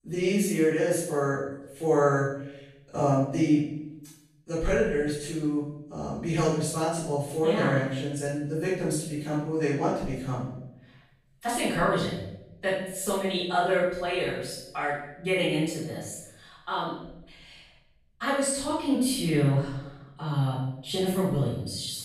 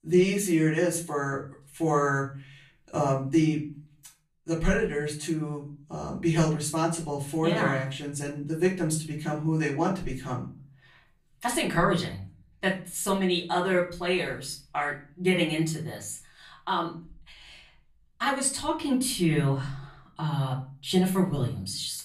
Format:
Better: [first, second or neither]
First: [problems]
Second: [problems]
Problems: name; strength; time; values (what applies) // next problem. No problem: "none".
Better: second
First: room echo; strong; dies away in 0.7 s // off-mic speech; far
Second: room echo; slight; dies away in 0.3 s // off-mic speech; far